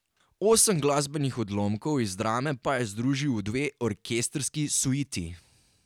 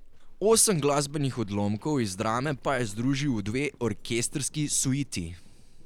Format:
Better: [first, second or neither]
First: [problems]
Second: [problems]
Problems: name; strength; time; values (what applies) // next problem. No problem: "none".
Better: first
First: none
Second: background sound (Livestock, farm animals, working animals); 16 dB below the speech